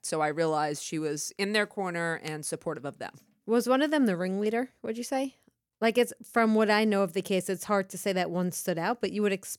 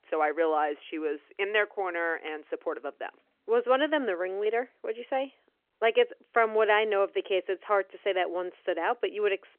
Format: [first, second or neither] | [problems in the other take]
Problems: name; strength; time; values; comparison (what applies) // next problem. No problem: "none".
first | phone-call audio